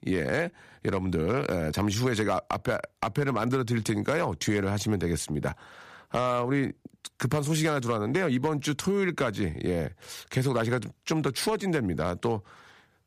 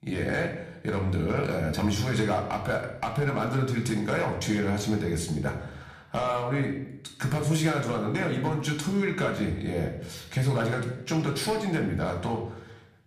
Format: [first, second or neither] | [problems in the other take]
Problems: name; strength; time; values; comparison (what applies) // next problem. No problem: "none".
first | room echo; slight; dies away in 0.7 s // off-mic speech; somewhat distant